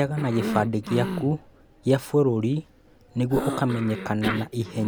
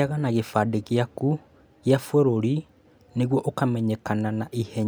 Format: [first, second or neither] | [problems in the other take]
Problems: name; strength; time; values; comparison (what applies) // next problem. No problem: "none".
second | background sound (Cough); 9 dB below the speech